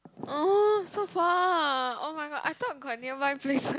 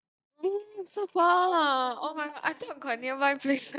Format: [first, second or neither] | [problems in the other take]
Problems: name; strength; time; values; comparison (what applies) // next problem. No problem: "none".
first | noise reduction (neural mask model DeepFilterNet 3)